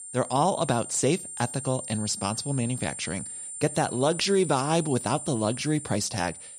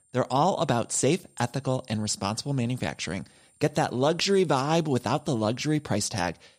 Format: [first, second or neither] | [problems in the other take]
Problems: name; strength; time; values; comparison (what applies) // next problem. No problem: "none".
second | high-pitched whine; loud; throughout; 9 kHz, 9 dB below the speech; faint in the second